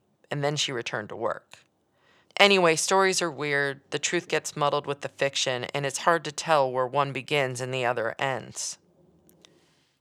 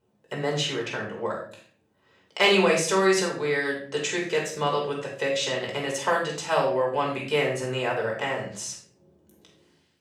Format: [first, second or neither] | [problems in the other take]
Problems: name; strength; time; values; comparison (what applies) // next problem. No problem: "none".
first | off-mic speech; far // room echo; noticeable; dies away in 0.4 s